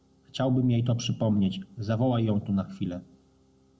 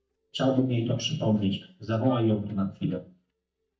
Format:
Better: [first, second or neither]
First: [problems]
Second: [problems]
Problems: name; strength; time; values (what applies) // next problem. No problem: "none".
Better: first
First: none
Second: noise reduction (neural mask model DeepFilterNet 3)